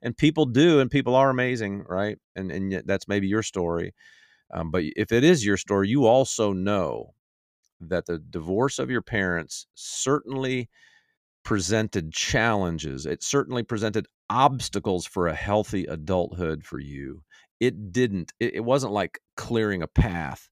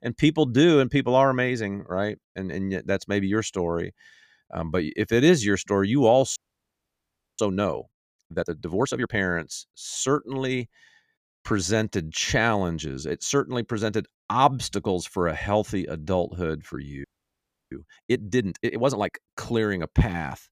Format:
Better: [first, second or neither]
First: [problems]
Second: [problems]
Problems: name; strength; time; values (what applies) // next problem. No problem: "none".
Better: first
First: none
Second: audio freezing; at 6.5 s for 1 s and at 17 s for 0.5 s